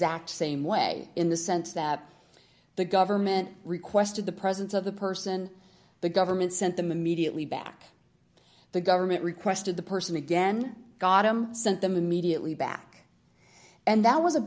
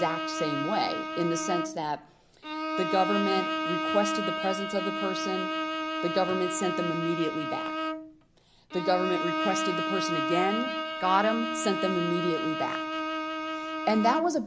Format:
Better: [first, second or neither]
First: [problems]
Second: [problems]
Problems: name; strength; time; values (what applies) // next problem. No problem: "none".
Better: first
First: none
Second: background sound (Bowed string instrument); 1 dB below the speech